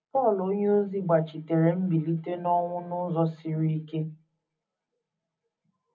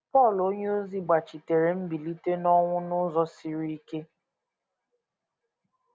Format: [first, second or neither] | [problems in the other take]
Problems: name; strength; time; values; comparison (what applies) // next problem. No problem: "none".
second | room echo; dies away in 0.4 s